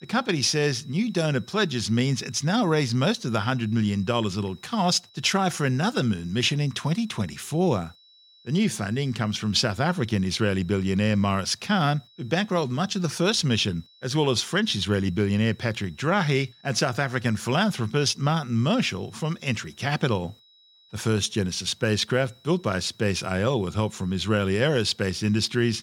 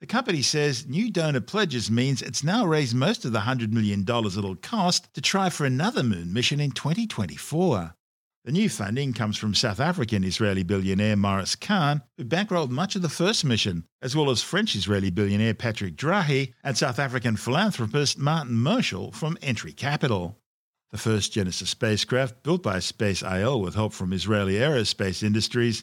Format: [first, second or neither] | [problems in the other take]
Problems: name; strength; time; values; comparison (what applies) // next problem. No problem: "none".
second | high-pitched whine; faint; throughout; 4 kHz, 30 dB below the speech